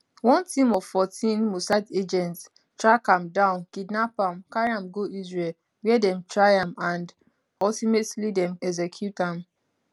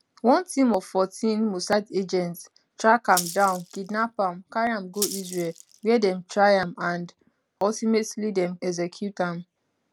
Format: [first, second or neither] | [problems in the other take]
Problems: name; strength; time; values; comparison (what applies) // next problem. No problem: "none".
first | background sound (Rattle (instrument)); 11 dB below the speech